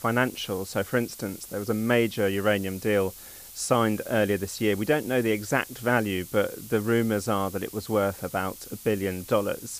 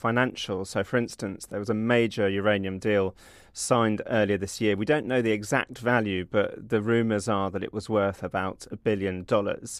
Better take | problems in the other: second | hiss; noticeable; throughout; 15 dB below the speech

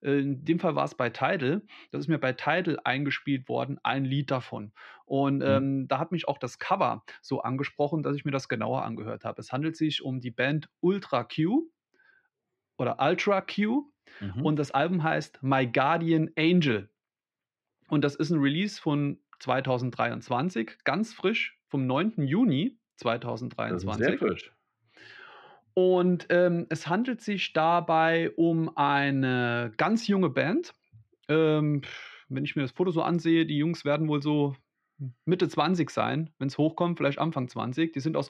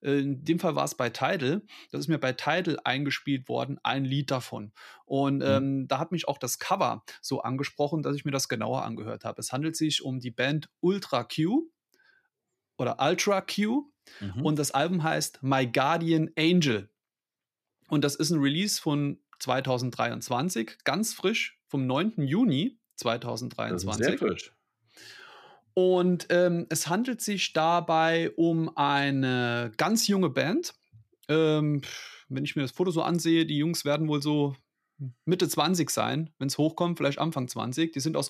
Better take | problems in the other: second | muffled; slightly; fading above 2.5 kHz

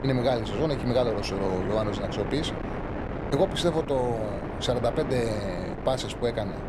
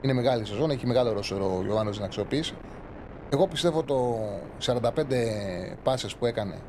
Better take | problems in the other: second | wind noise on the microphone; heavy; 7 dB below the speech; occasional gusts in the second

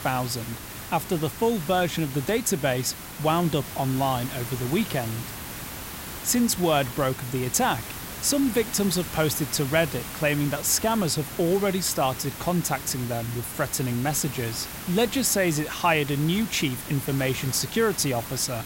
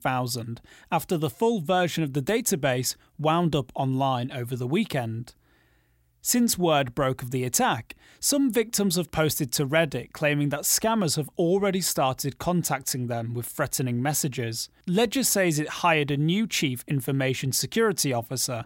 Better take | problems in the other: second | hiss; noticeable; throughout; 10 dB below the speech

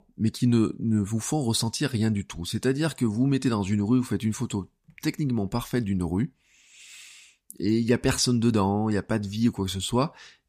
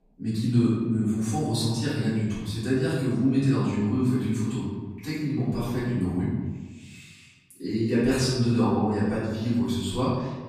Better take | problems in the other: first | room echo; strong; dies away in 1.2 s // off-mic speech; far

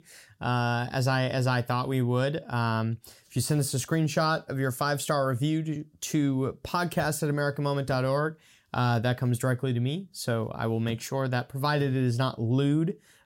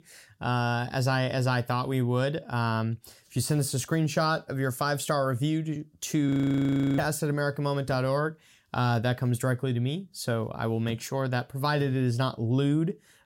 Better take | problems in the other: first | audio freezing; at 6.5 s for 0.5 s

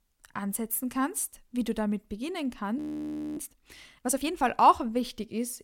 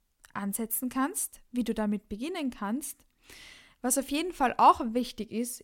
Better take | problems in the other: second | audio freezing; at 3 s for 0.5 s

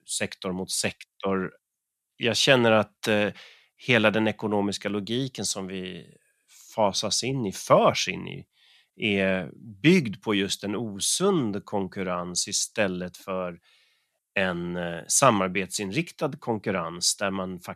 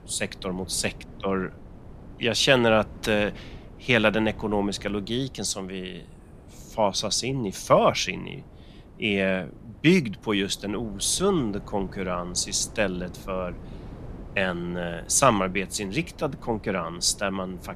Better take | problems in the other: first | wind noise on the microphone; occasional gusts; 25 dB below the speech

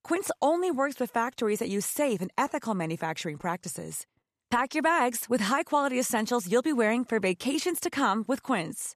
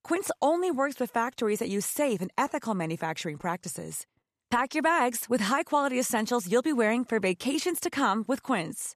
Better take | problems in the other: neither | none

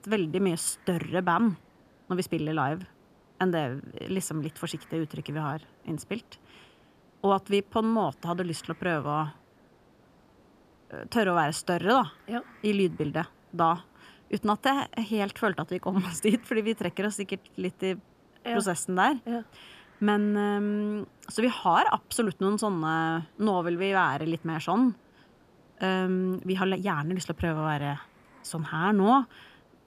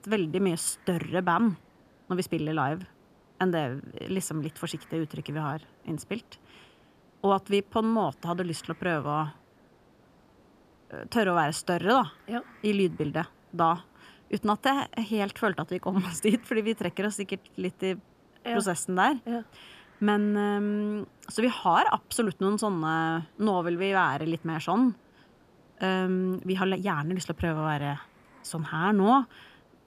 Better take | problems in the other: neither | hiss; faint; throughout; 30 dB below the speech; the same in both

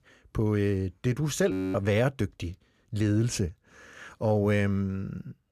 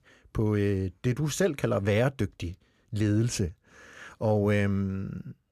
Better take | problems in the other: second | audio freezing; at 1.5 s

